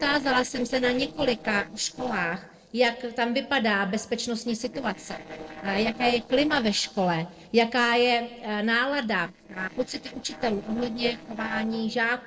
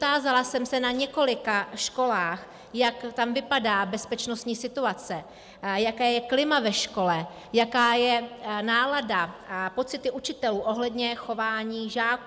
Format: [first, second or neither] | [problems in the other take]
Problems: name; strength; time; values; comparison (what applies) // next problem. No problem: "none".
second | noise reduction (neural separator model SepFormer DNS4)